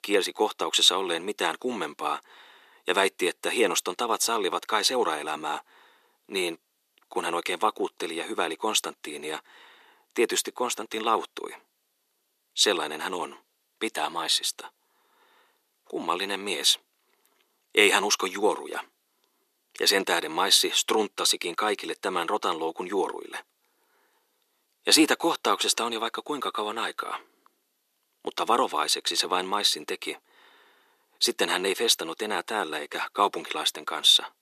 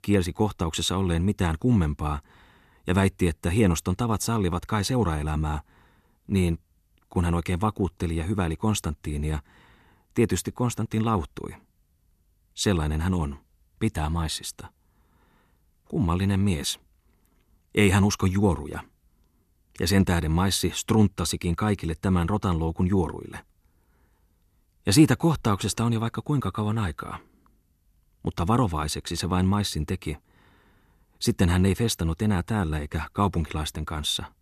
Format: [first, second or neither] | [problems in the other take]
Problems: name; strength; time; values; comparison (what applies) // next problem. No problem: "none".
second | thin; very; fading below 400 Hz